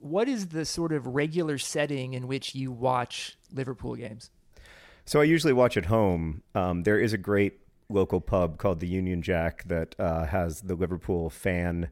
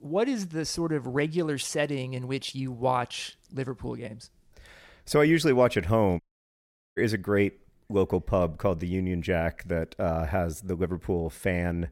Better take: first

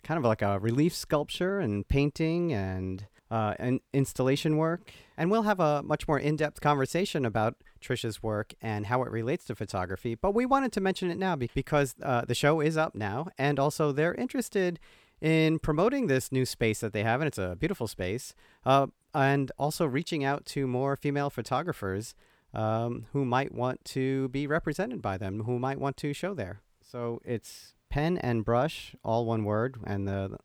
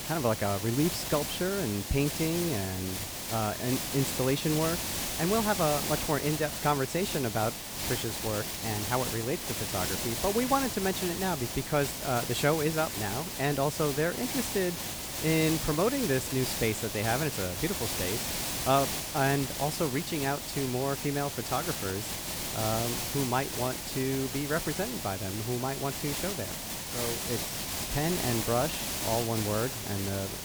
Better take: first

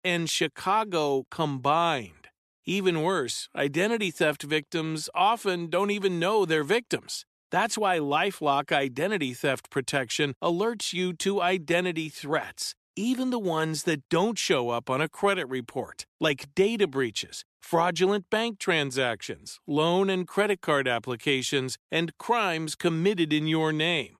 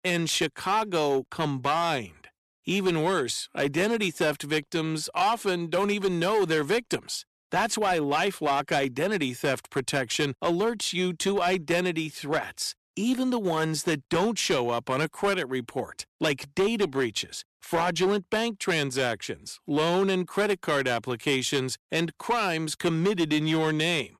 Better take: first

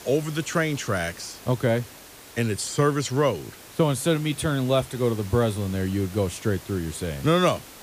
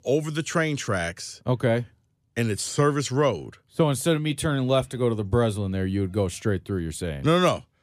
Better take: second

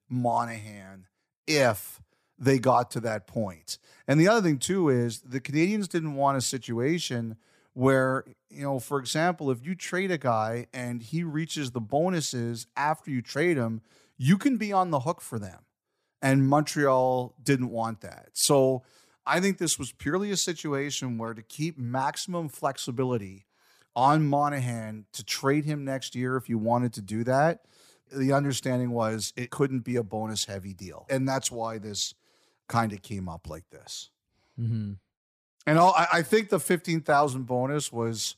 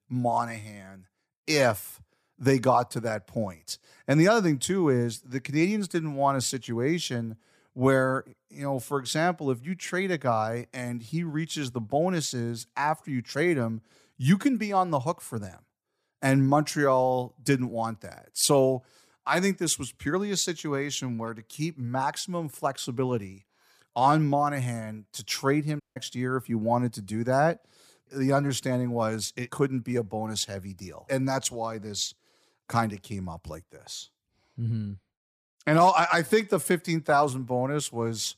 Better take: first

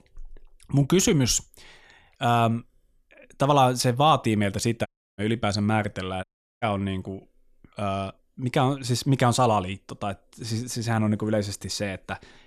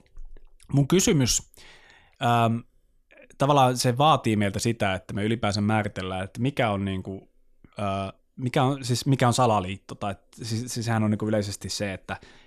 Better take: second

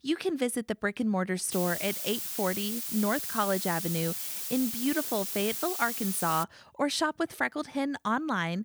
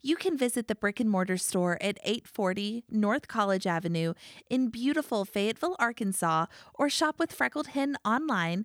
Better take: second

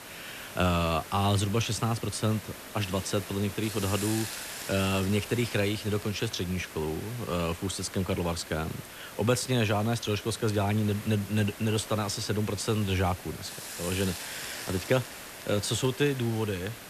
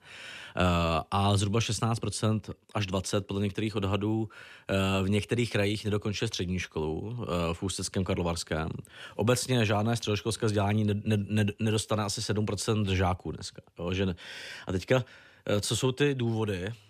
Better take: second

